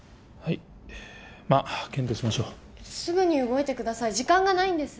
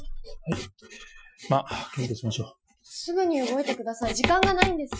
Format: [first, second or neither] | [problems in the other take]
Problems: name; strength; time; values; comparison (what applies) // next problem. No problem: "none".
first | noise reduction (classical method Wiener filter)